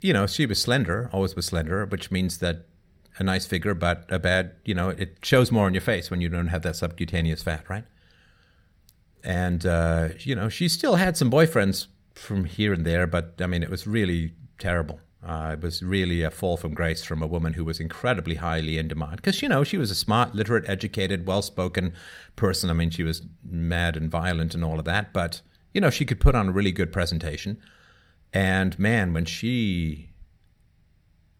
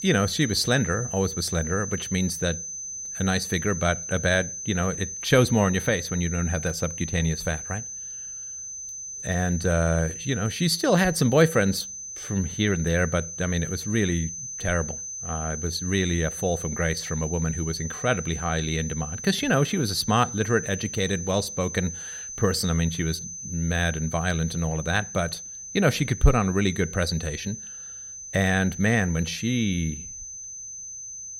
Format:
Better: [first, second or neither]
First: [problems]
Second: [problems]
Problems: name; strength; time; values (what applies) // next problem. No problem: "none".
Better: first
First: none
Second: high-pitched whine; loud; throughout; 6 kHz, 8 dB below the speech